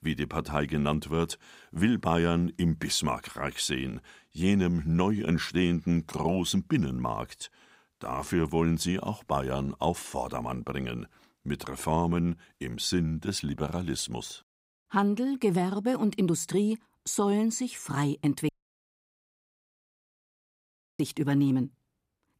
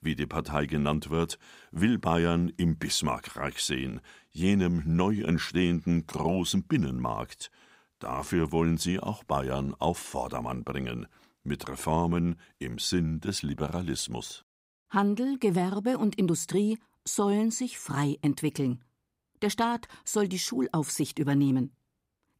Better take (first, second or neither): second